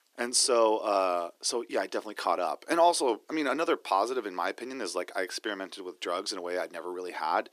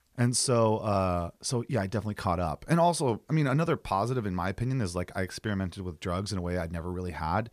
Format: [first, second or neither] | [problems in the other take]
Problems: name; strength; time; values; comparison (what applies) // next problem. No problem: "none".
second | thin; very; fading below 300 Hz